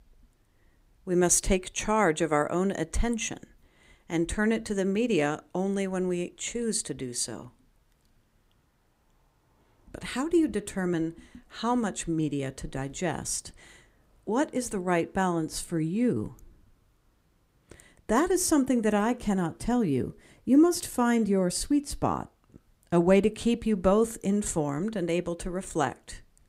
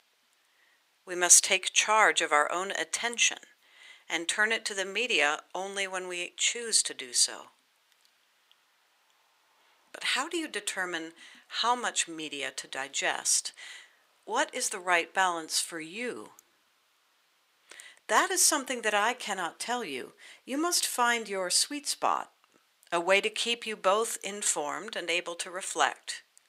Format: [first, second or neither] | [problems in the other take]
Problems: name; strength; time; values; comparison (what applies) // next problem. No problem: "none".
first | thin; very; fading below 750 Hz